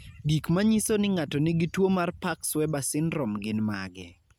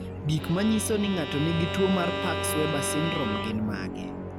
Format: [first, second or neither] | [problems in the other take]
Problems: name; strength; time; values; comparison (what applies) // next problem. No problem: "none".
first | background sound (Musical instrument + Bowed string instrument); 3 dB below the speech